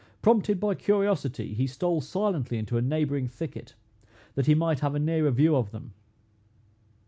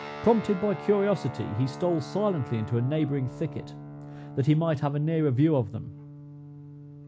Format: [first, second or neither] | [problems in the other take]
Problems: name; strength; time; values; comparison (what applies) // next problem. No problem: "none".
first | background sound (Guitar); 13 dB below the speech